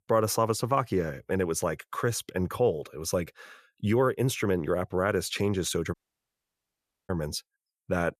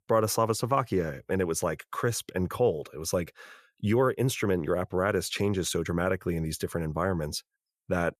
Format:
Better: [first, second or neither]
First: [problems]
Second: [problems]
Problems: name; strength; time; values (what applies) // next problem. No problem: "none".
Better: second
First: audio cutting out; at 6 s for 1 s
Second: none